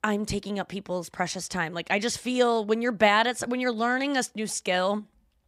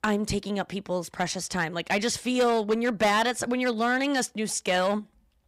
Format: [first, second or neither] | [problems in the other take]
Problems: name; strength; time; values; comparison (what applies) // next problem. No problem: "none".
first | distortion; slight; 5% of the sound clipped